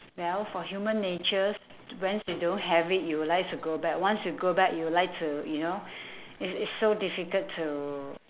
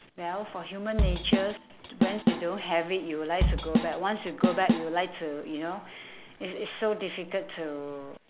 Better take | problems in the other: first | background sound (Drum / Drum kit); 3 dB above the speech

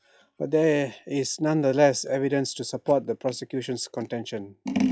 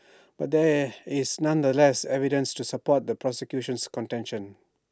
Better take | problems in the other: second | noise reduction (classical method log-MMSE)

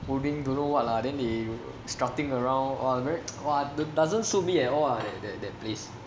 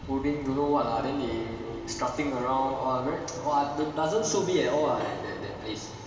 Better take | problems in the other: first | room echo; dies away in 2.5 s

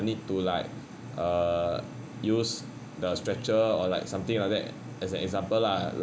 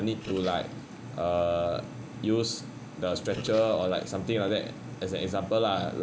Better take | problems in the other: first | background sound (Gurgling); 19 dB below the speech

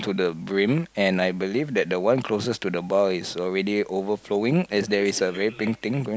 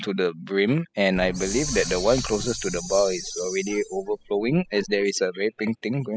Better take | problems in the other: first | noise reduction (classical method spectral subtraction)

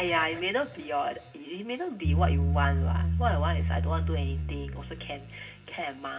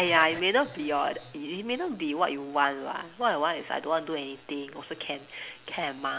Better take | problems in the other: second | background sound (Bass guitar); 3 dB above the speech // room echo; dies away in 0.4 s

